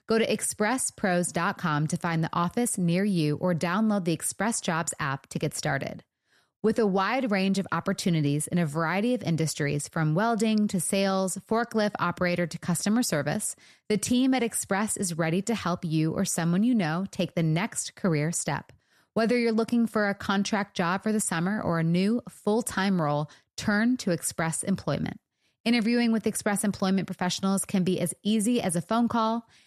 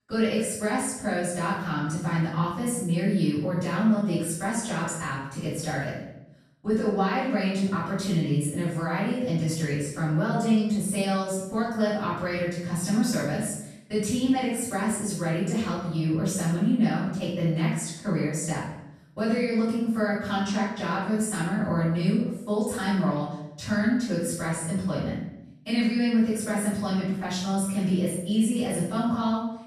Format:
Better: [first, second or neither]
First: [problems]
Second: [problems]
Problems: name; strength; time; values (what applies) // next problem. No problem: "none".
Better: first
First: none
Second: off-mic speech; far // room echo; strong; dies away in 0.7 s